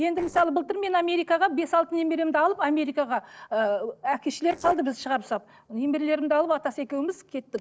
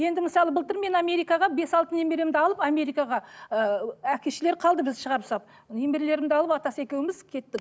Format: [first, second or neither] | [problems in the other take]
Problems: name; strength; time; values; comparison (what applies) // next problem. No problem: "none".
second | noise reduction (neural separator model SepFormer DNS4)